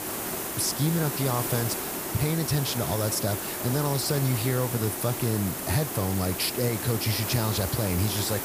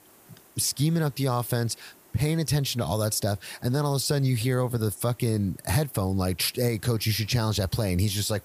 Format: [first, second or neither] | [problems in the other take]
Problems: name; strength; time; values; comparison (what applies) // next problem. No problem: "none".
second | hiss; loud; throughout; 3 dB below the speech; faint in the second